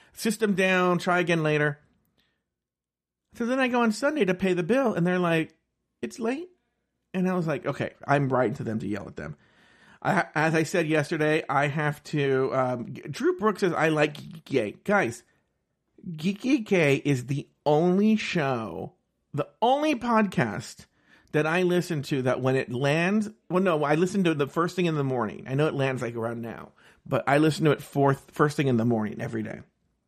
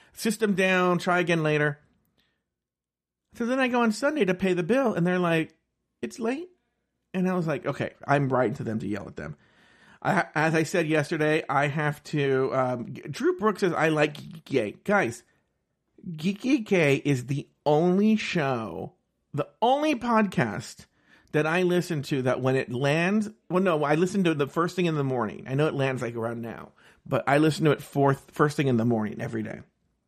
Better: neither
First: none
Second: none

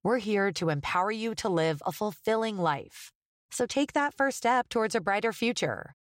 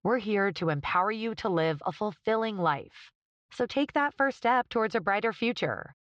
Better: first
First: none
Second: muffled; slightly; fading above 4 kHz

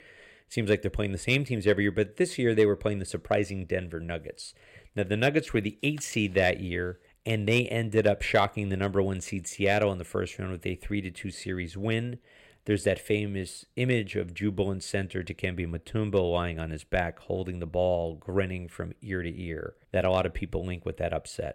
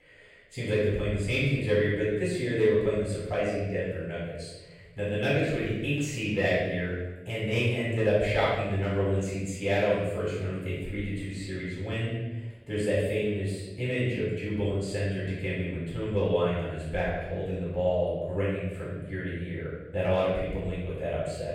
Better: first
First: none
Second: off-mic speech; far // room echo; strong; dies away in 1 s

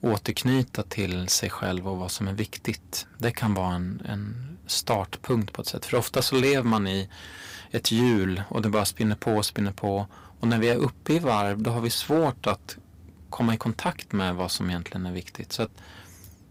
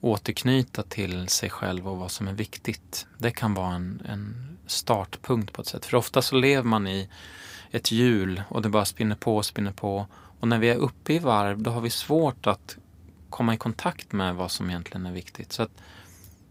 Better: second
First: distortion; slight; 3% of the sound clipped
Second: none

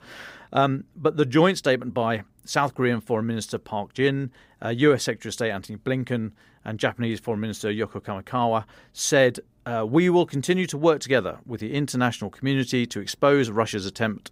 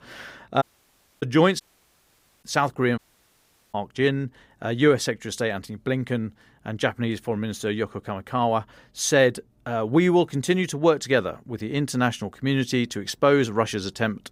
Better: first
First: none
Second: audio cutting out; at 0.5 s for 0.5 s, at 1.5 s for 1 s and at 3 s for 1 s

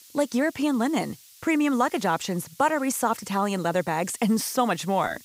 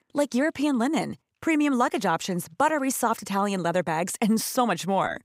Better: second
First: hiss; faint; throughout; 25 dB below the speech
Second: none

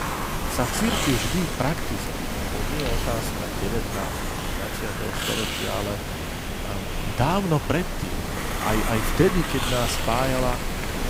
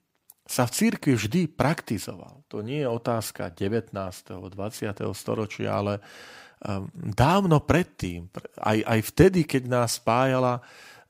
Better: second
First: hiss; loud; throughout; as loud as the speech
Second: none

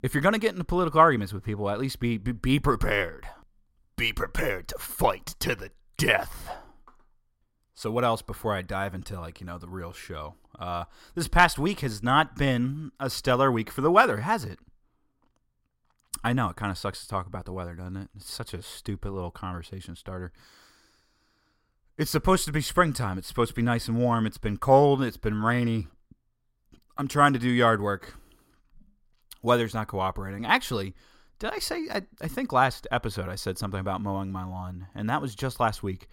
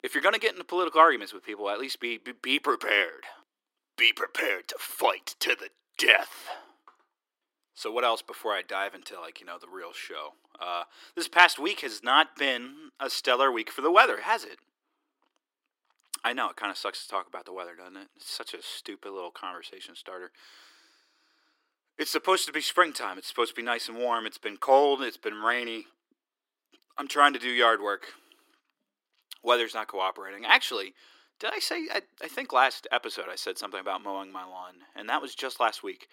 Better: first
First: none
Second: thin; very; fading below 300 Hz

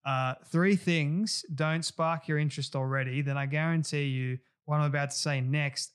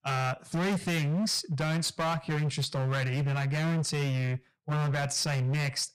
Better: first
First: none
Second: distortion; heavy; 32% of the sound clipped

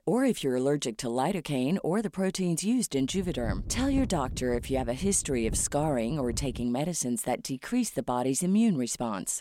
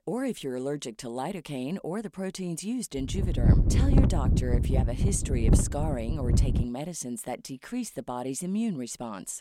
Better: first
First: wind noise on the microphone; occasional gusts; from 3 to 6.5 s; 20 dB below the speech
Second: wind noise on the microphone; heavy; from 3 to 6.5 s; 1 dB below the speech

